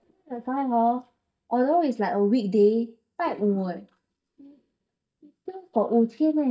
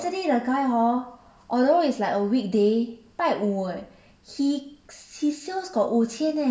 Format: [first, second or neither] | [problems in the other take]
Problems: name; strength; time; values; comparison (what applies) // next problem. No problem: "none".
second | noise reduction (neural mask model DeepFilterNet 3)